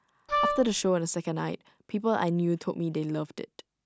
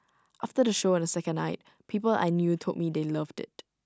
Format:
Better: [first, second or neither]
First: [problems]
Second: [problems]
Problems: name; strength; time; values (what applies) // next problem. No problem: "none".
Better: second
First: background sound (Wind instrument, woodwind instrument); 1 dB above the speech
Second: none